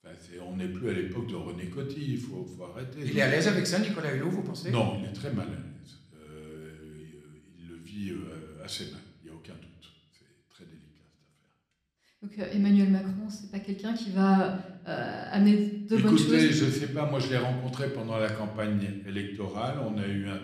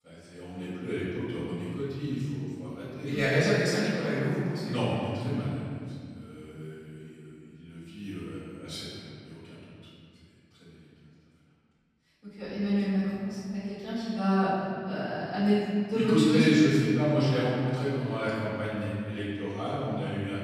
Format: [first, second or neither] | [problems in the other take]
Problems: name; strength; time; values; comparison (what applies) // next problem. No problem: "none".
first | room echo; strong; dies away in 2.2 s; slight in the first // off-mic speech; far; somewhat distant in the first